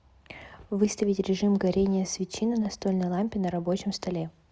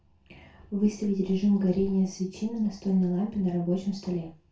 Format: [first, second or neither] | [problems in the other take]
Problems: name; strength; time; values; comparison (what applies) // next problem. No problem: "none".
first | room echo; dies away in 0.2 s